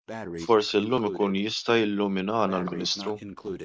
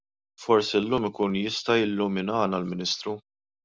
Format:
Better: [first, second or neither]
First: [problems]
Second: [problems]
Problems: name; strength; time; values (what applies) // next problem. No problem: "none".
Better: second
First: noise reduction (neural mask model Resemble Enhance denoiser)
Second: none